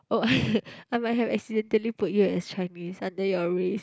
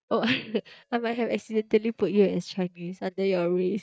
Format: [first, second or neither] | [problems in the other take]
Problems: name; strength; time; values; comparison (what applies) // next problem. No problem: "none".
first | noise reduction (neural mask model DeepFilterNet 3)